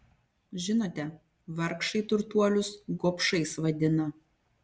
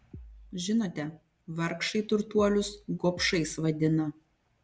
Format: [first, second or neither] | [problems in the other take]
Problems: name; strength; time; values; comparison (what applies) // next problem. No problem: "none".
first | background sound (Bass drum); 18 dB below the speech